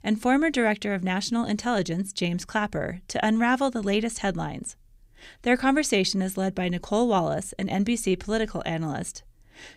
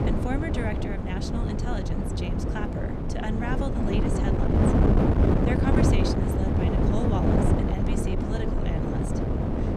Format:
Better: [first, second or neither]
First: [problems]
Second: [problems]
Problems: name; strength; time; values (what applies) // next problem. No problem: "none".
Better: first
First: none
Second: wind noise on the microphone; heavy; 5 dB above the speech